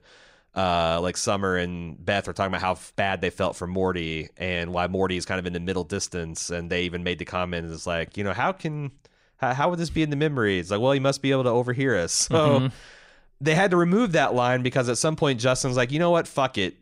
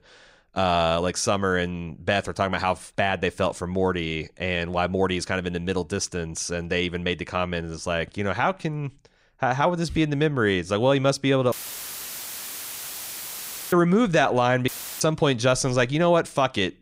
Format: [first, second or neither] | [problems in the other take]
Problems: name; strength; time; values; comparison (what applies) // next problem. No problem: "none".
first | audio cutting out; filled with static; at 12 s for 2 s and at 15 s